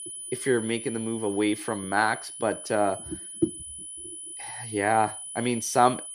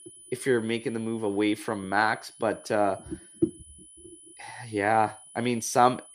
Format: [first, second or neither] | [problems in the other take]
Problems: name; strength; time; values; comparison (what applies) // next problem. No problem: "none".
second | high-pitched whine; loud; throughout; 10 kHz, 10 dB below the speech; faint in the second